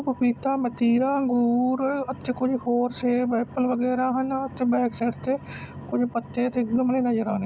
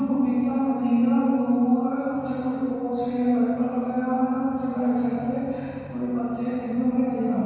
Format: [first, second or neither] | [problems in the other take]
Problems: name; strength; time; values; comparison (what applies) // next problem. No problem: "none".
first | room echo; dies away in 2.1 s